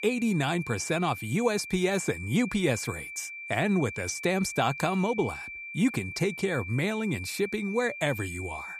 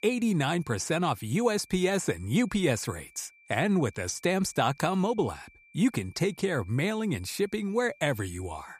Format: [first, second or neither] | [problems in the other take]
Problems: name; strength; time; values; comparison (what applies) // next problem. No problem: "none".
second | high-pitched whine; loud; throughout; 2.5 kHz, 9 dB below the speech; faint in the second